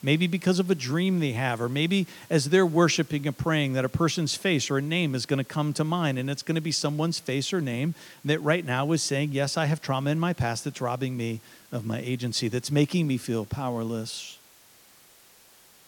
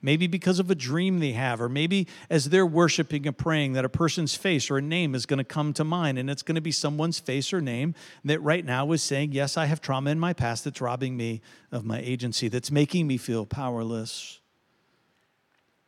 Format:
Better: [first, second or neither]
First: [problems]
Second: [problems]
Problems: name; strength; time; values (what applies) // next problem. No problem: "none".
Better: second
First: hiss; faint; throughout; 25 dB below the speech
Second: none